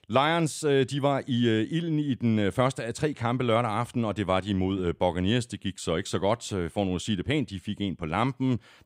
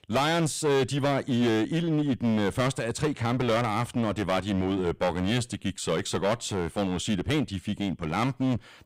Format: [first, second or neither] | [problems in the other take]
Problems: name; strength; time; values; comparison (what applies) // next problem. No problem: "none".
first | distortion; heavy; 14% of the sound clipped